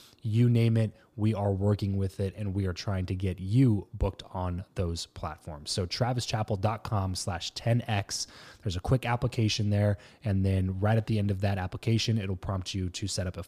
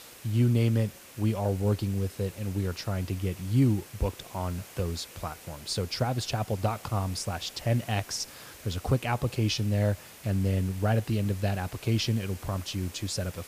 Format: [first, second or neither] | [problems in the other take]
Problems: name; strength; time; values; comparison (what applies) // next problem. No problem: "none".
first | hiss; noticeable; throughout; 15 dB below the speech